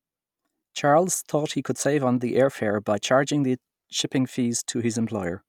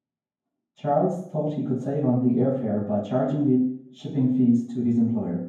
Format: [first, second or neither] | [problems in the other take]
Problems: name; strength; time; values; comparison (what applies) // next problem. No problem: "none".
first | room echo; dies away in 0.9 s